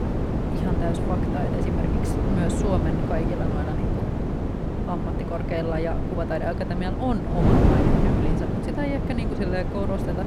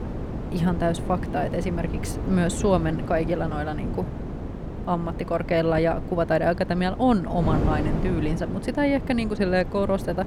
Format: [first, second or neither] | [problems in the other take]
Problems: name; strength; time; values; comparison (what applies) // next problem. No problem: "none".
second | wind noise on the microphone; heavy; 1 dB above the speech; occasional gusts in the second